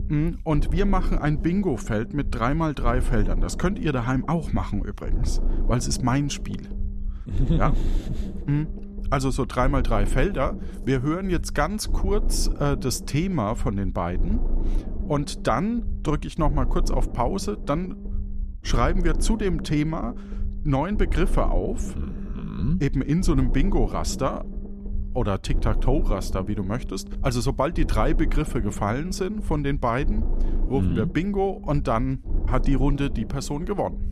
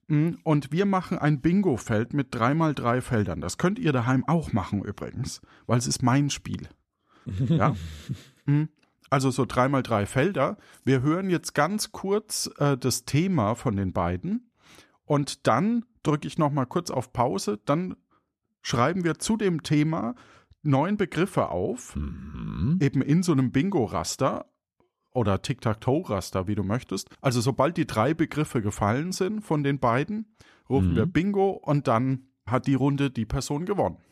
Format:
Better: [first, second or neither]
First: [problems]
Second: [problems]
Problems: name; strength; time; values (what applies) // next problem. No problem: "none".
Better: second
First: low rumble; noticeable; throughout; 15 dB below the speech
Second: none